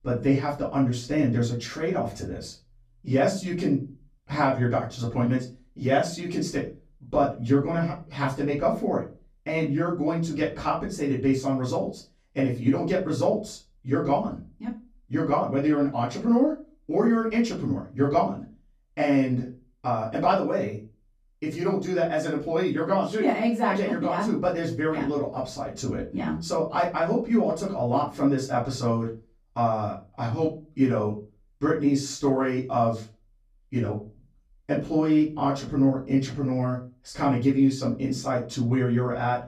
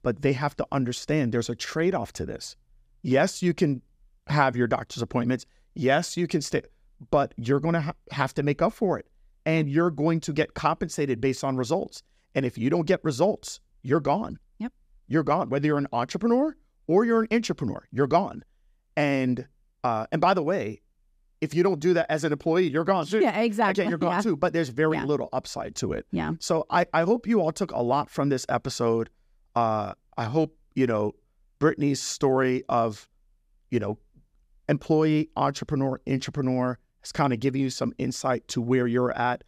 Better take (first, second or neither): second